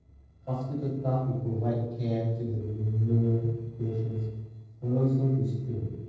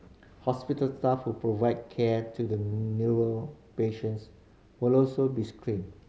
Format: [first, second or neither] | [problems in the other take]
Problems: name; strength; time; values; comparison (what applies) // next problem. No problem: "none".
second | noise reduction (neural separator model SepFormer DNS4)